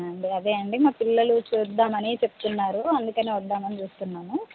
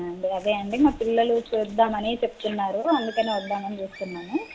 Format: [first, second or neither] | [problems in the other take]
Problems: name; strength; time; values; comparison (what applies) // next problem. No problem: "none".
first | background sound (Bird); 18 dB below the speech // room echo; dies away in 0.4 s